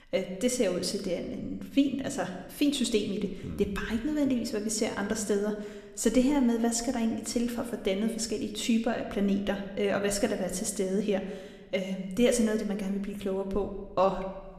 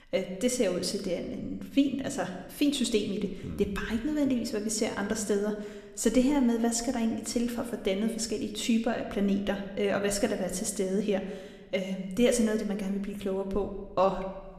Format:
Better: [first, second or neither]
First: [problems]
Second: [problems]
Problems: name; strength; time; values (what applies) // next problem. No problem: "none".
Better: neither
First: room echo; slight; dies away in 1 s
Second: room echo; slight; dies away in 1 s